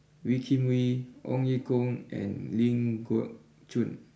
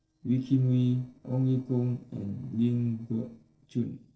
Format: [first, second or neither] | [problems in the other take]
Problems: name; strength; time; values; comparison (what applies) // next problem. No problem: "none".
first | noise reduction (neural separator model SepFormer DNS4)